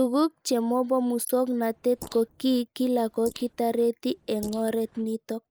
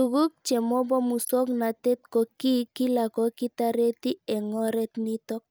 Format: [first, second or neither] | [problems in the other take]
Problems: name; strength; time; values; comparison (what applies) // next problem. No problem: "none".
second | noise reduction (neural mask model Resemble Enhance denoiser)